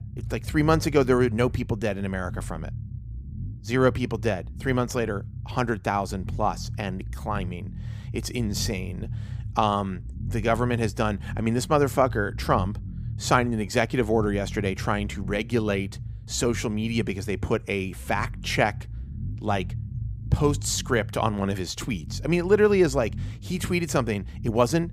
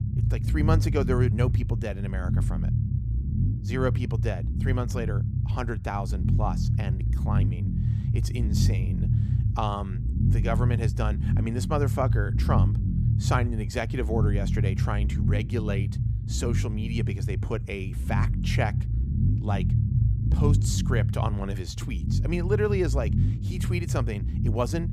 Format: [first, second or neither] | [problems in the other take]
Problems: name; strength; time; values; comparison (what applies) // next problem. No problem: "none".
first | low rumble; loud; throughout; 6 dB below the speech; faint in the first